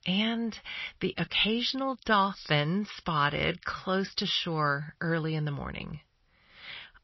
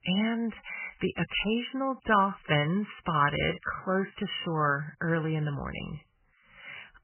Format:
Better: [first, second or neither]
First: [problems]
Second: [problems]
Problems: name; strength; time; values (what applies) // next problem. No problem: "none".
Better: first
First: garbled, watery; slightly; nothing above 5.5 kHz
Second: garbled, watery; badly; nothing above 3 kHz